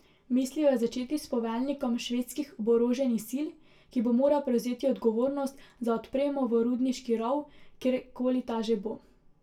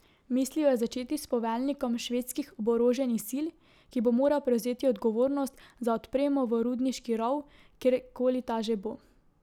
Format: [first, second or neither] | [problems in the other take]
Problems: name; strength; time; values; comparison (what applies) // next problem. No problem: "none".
second | room echo; dies away in 0.2 s